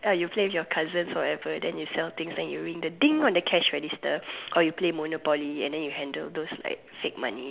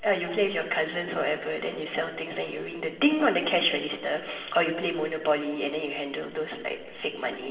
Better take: first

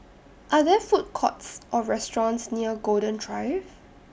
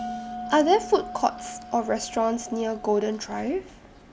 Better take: first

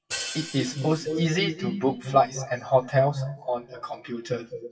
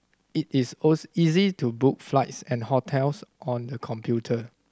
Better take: second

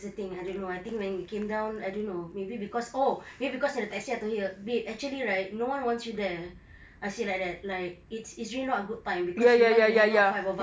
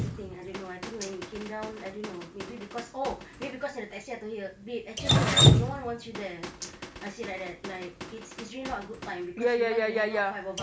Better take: first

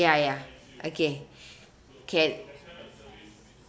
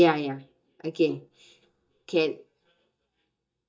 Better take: first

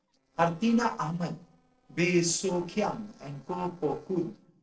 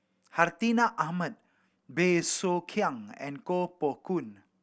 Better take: second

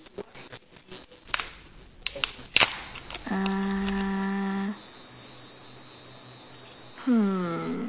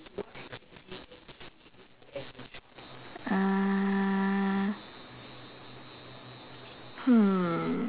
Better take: second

